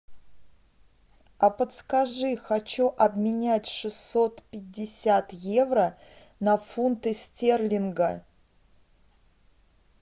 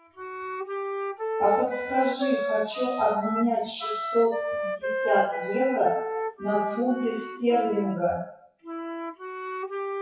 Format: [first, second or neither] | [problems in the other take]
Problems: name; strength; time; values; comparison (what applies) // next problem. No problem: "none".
first | noise reduction (classical method WPE with log-MMSE)